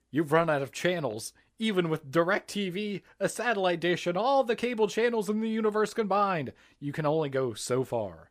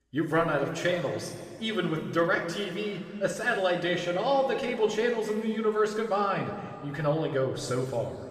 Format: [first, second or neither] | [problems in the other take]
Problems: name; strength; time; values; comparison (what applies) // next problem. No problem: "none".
first | room echo; noticeable; dies away in 2 s // off-mic speech; somewhat distant